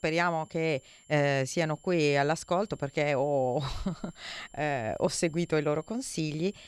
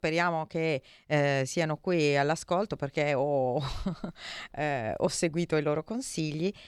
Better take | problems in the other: second | high-pitched whine; faint; throughout; 7.5 kHz, 30 dB below the speech

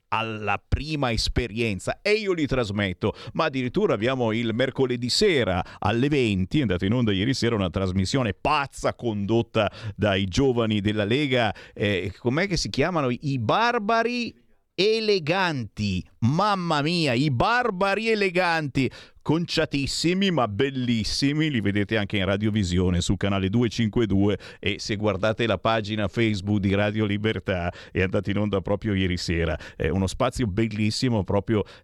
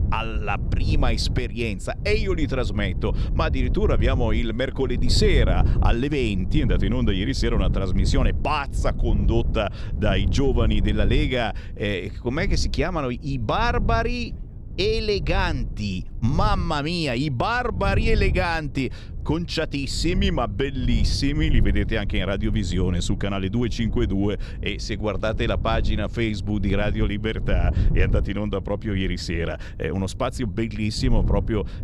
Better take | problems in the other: first | wind noise on the microphone; occasional gusts; 15 dB below the speech

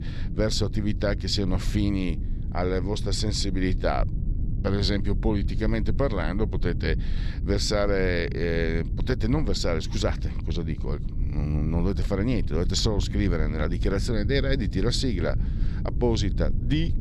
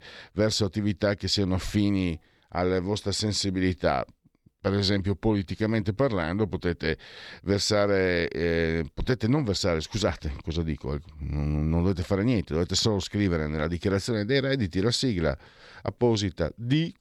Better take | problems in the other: second | low rumble; noticeable; throughout; 15 dB below the speech

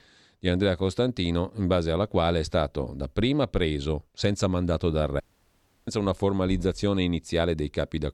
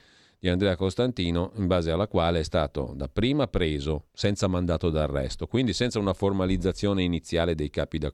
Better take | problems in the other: second | audio cutting out; at 5 s for 0.5 s

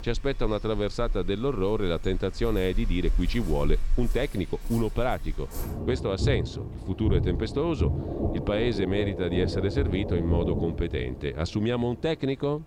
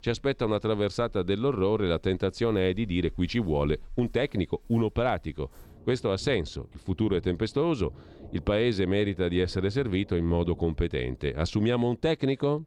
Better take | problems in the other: second | rain or running water; loud; throughout; 4 dB below the speech; faint in the second

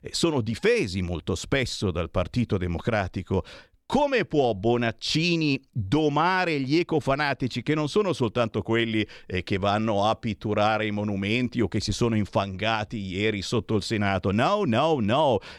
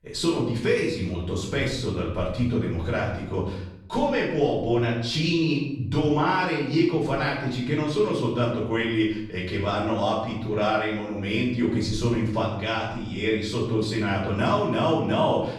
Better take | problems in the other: first | off-mic speech; far // room echo; noticeable; dies away in 0.7 s

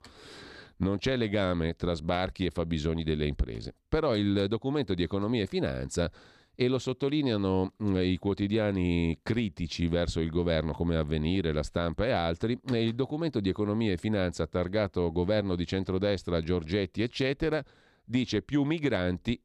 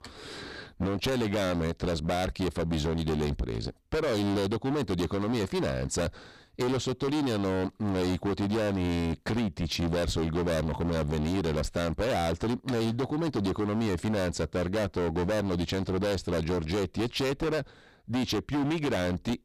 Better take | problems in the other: first | distortion; heavy; 30% of the sound clipped

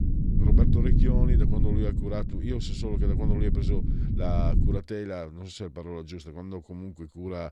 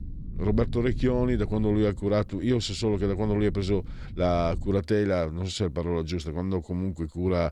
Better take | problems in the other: second | low rumble; loud; until 5 s; 1 dB below the speech; faint in the second

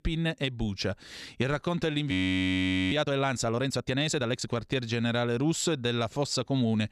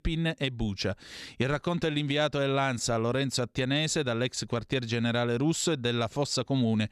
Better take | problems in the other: second | audio freezing; at 2 s for 1 s

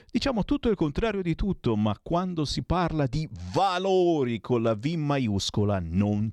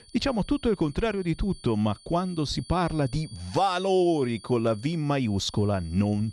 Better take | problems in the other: first | high-pitched whine; faint; throughout; 4.5 kHz, 20 dB below the speech

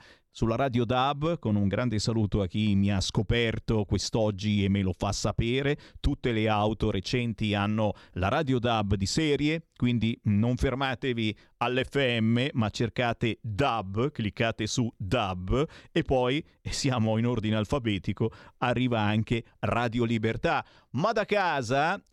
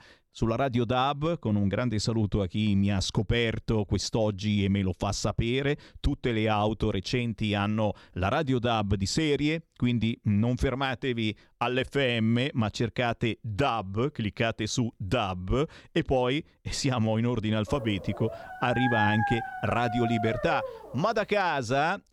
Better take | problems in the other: first | dog barking; loud; from 18 to 21 s; peak 1 dB above the speech

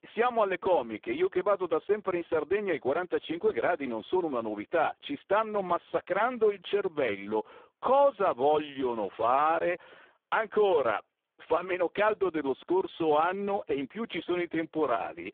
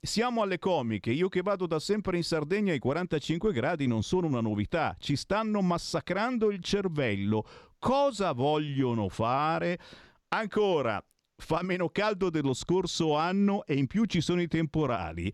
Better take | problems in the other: second | phone-call audio; poor line

